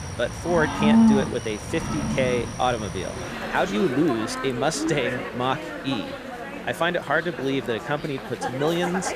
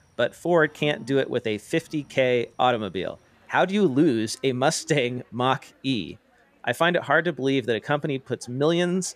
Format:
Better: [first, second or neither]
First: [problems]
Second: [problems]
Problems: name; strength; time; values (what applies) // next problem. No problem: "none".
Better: second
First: animal sounds; loud; throughout; 2 dB below the speech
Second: animal sounds; faint; throughout; 30 dB below the speech